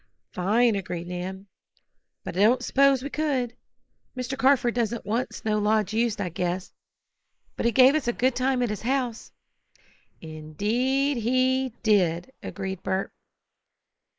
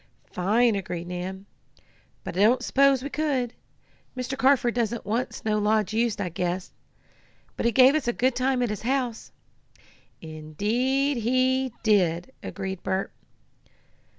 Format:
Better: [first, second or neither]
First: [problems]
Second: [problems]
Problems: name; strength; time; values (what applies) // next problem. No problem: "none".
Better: second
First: noise reduction (neural mask model Resemble Enhance denoiser)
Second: none